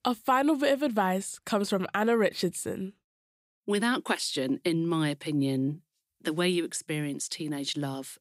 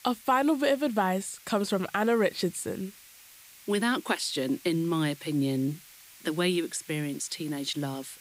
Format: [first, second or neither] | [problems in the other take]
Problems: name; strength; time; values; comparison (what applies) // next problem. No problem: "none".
first | hiss; faint; throughout; 20 dB below the speech